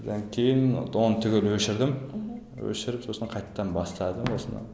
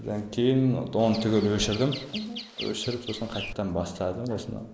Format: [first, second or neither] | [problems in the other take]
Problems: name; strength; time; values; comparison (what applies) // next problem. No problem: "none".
first | noise reduction (neural mask model Resemble Enhance denoiser)